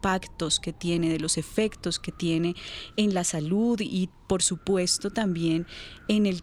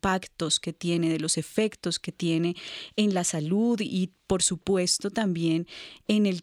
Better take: second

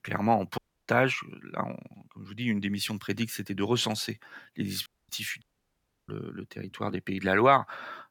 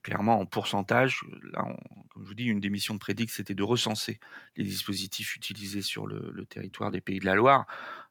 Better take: second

